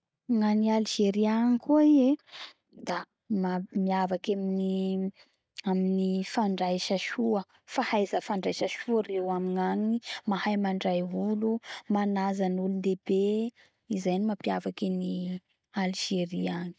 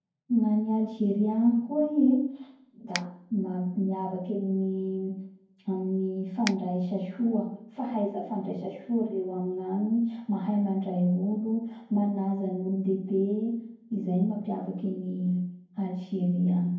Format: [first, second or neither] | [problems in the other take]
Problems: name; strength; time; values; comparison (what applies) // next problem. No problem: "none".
first | background sound (Finger snapping); 8 dB below the speech // room echo; dies away in 0.9 s